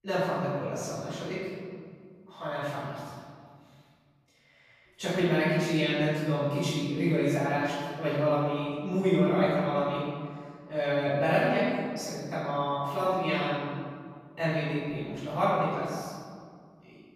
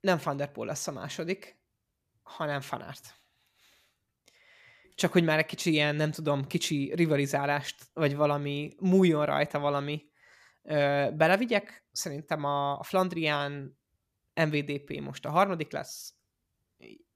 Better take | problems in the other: second | off-mic speech; far // room echo; strong; dies away in 2 s

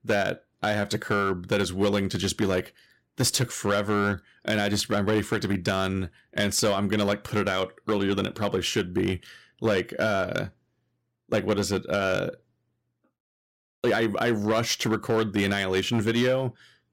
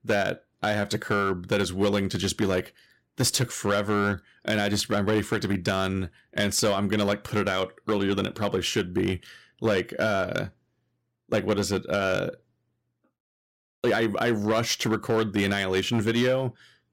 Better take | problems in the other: neither | distortion; slight; 5% of the sound clipped; the same in both

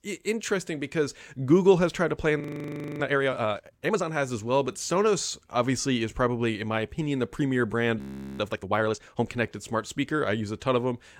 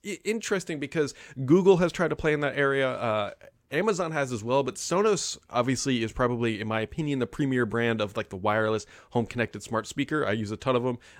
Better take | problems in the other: second | audio freezing; at 2.5 s for 0.5 s and at 8 s

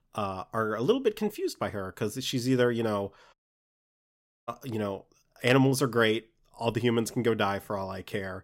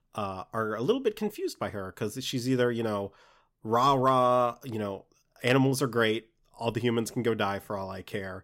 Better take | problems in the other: second | audio cutting out; at 3.5 s for 1 s

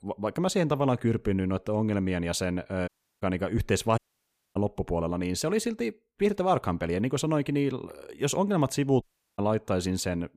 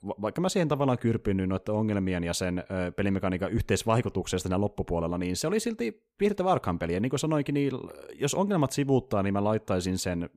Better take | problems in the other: second | audio cutting out; at 3 s, at 4 s for 0.5 s and at 9 s

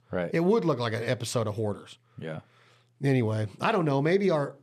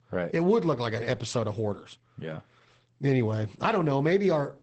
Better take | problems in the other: first | garbled, watery; badly; nothing above 8 kHz

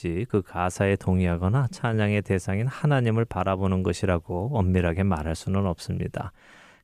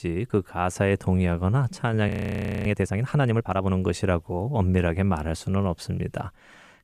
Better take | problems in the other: first | audio freezing; at 2 s for 0.5 s

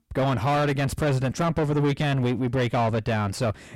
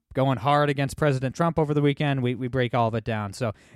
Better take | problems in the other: second | distortion; heavy; 6 dB below the speech

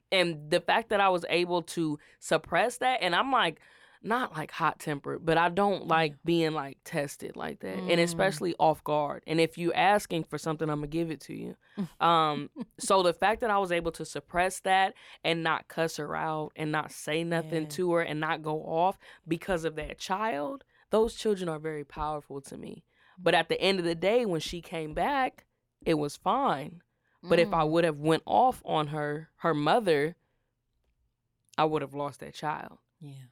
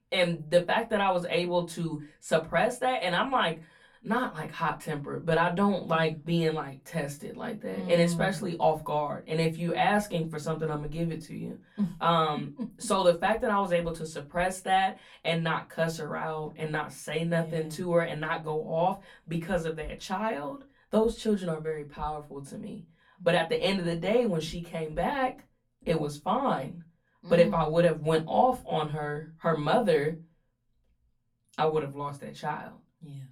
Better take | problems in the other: first | off-mic speech; far // room echo; very slight; dies away in 0.2 s

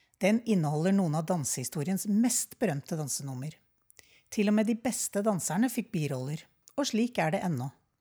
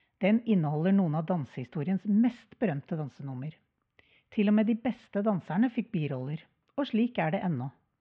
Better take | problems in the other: first | muffled; very; fading above 3 kHz

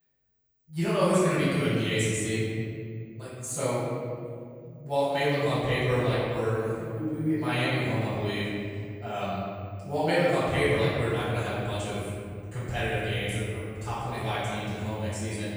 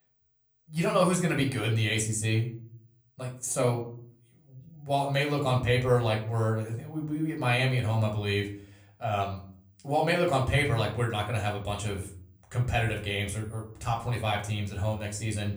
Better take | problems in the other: second | room echo; strong; dies away in 2.3 s; slight in the second // off-mic speech; far; far in the second

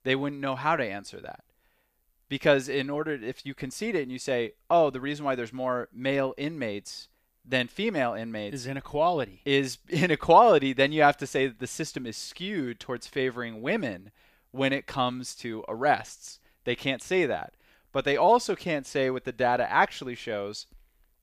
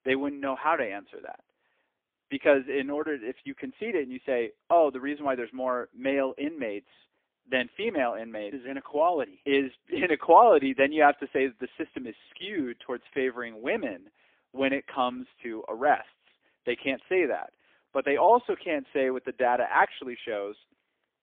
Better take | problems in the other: first | phone-call audio; poor line; nothing above 3.5 kHz

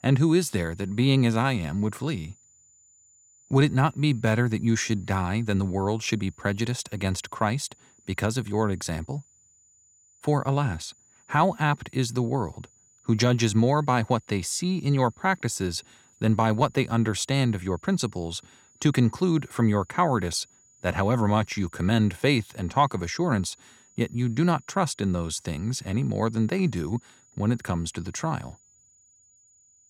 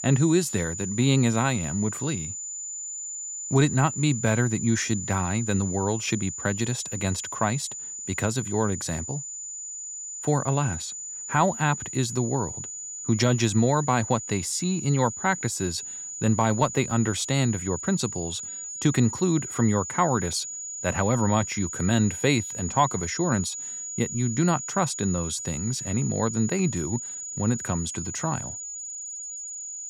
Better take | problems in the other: first | high-pitched whine; loud; throughout; 7 kHz, 7 dB below the speech; faint in the first

